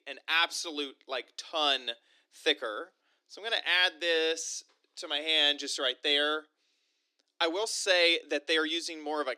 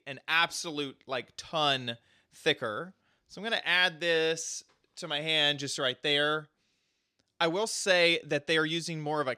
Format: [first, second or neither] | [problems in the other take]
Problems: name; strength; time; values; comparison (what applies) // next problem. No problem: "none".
second | thin; very slightly; fading below 300 Hz